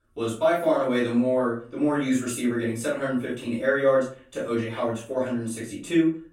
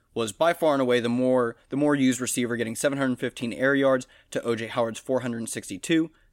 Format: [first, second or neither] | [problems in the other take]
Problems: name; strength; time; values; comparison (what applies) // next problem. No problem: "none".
second | off-mic speech; far // room echo; noticeable; dies away in 0.4 s